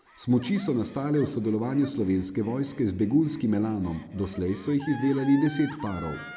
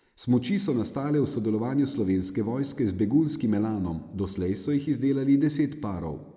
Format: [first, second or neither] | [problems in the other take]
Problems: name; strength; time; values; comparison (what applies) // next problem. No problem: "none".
second | background sound (Gasp); 19 dB below the speech